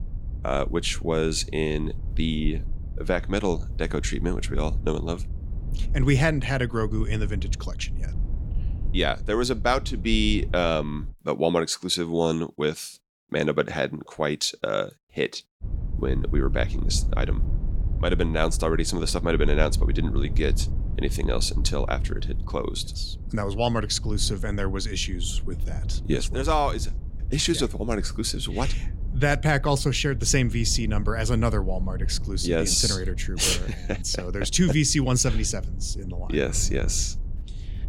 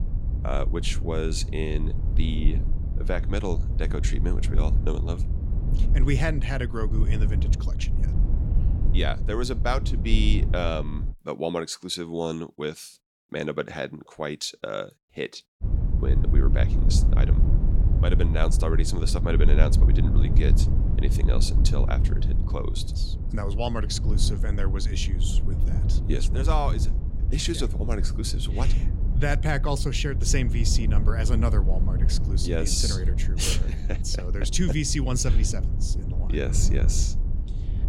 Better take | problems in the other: first | low rumble; loud; until 11 s and from 16 s on; 10 dB below the speech; faint in the first

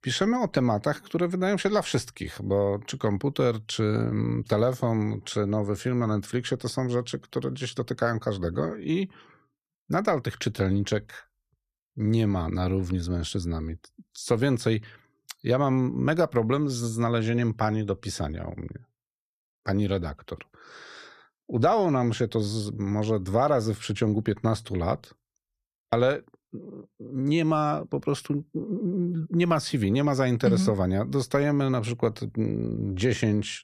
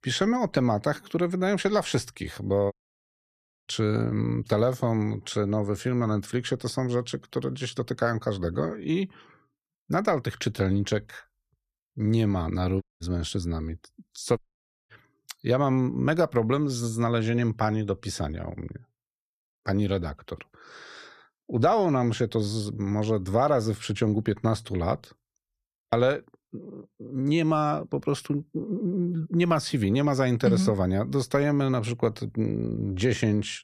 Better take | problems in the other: first | audio cutting out; at 2.5 s for 1 s, at 13 s and at 14 s for 0.5 s

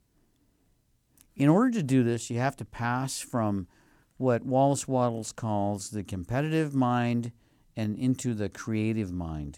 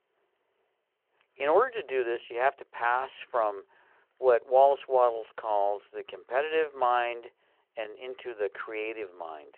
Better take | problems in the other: first | phone-call audio

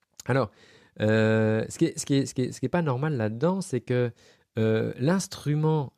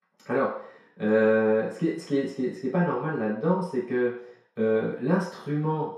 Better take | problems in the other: first | room echo; noticeable; dies away in 0.6 s // off-mic speech; far

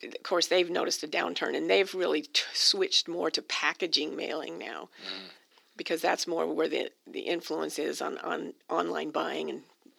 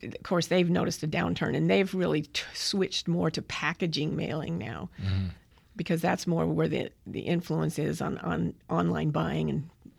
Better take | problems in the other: second | thin; very; fading below 300 Hz

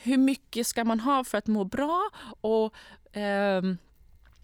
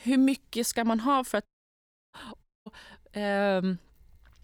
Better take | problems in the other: first | audio cutting out; at 1.5 s for 0.5 s and at 2.5 s

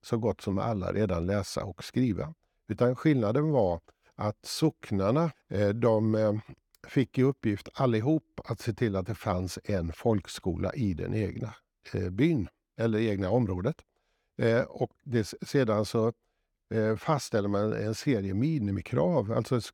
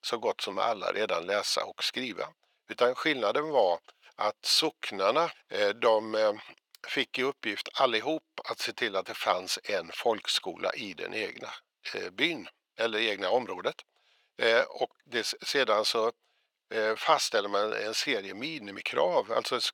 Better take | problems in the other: first | thin; very; fading below 700 Hz

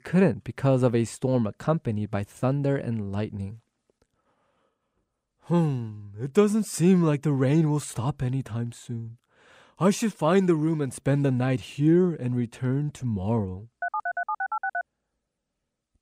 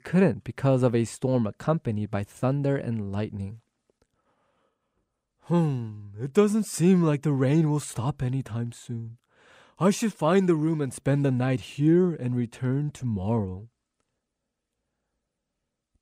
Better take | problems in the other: second | phone ringing; noticeable; from 14 to 15 s; peak 4 dB below the speech

